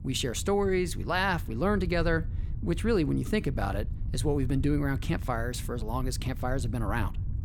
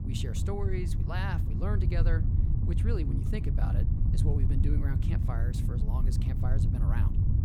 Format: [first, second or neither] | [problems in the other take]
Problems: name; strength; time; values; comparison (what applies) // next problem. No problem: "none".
first | low rumble; loud; throughout; 2 dB below the speech; faint in the first